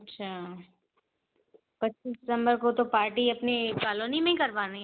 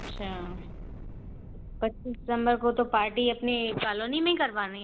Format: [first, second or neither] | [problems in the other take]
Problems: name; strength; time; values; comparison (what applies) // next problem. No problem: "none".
first | background sound (Explosion); 13 dB below the speech